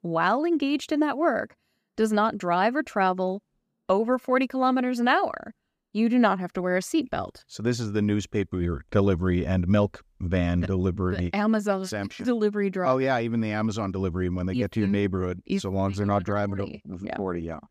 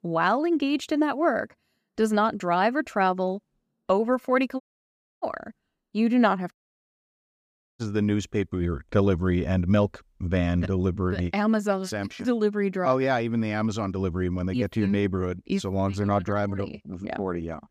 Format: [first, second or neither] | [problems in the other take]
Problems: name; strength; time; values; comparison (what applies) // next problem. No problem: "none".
first | audio cutting out; at 4.5 s for 0.5 s and at 6.5 s for 1.5 s